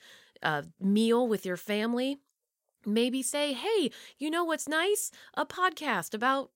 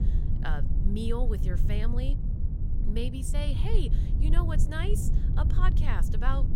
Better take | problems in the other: first | low rumble; loud; throughout; 6 dB below the speech

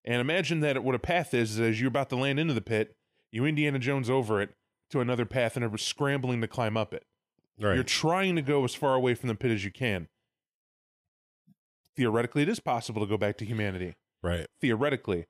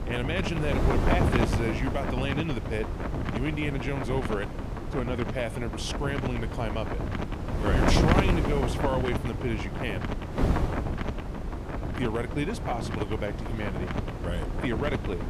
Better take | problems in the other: first | wind noise on the microphone; heavy; 1 dB below the speech

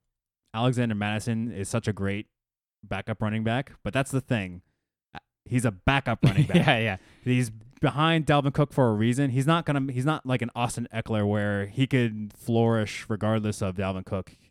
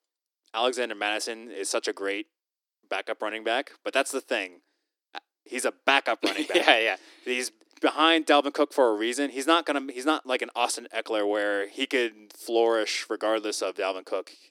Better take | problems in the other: first | thin; very; fading below 300 Hz

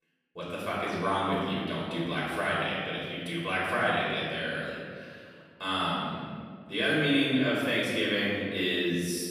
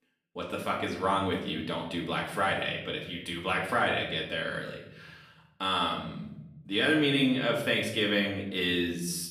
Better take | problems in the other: second | room echo; strong; dies away in 1.9 s; slight in the second // off-mic speech; far; far in the second

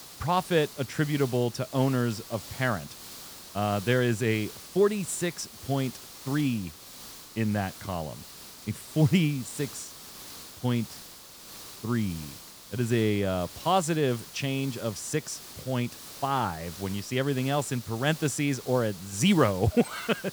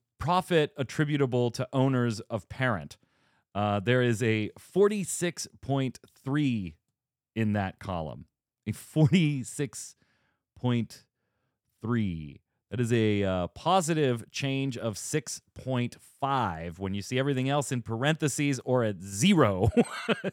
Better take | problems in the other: second | hiss; noticeable; throughout; 15 dB below the speech

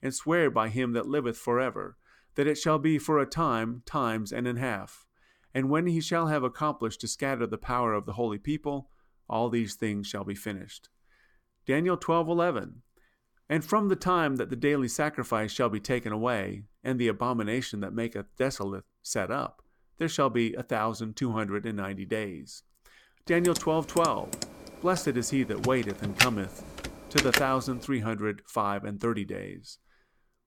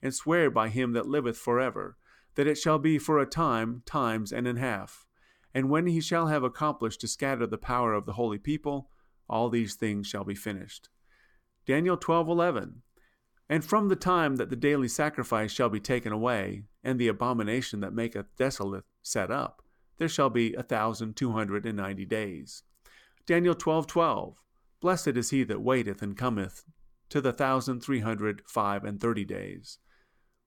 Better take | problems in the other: second | keyboard typing; loud; from 23 to 27 s; peak 5 dB above the speech

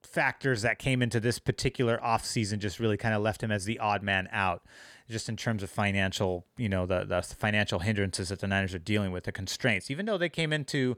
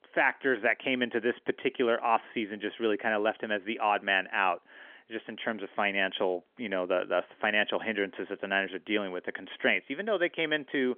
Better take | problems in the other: first | phone-call audio; nothing above 3.5 kHz

